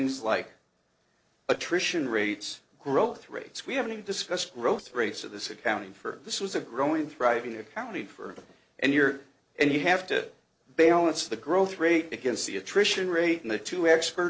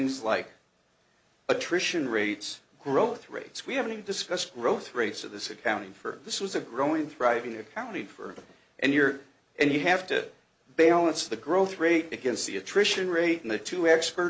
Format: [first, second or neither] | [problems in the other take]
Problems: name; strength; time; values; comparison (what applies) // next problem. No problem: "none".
second | noise reduction (neural separator model SepFormer DNS4)